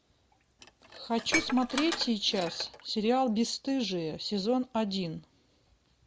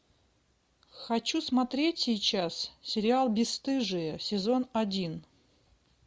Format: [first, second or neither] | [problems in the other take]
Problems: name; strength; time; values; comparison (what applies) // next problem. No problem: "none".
second | background sound (Dishes, pots, and pans); 7 dB below the speech